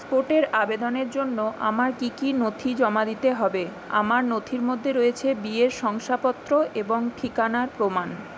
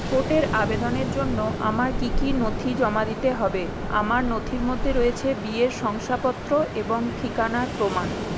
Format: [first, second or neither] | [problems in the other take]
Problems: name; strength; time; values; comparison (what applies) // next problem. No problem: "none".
first | background sound (Ocean); 3 dB below the speech